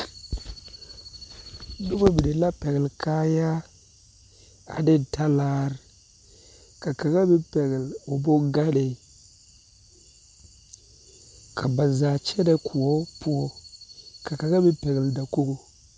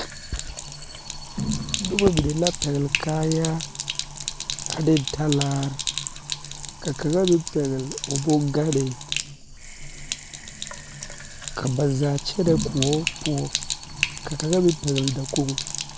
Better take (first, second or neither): first